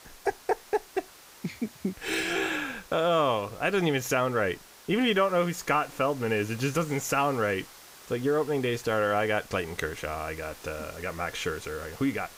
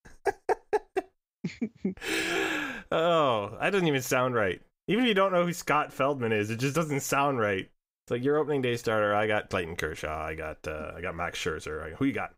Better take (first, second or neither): second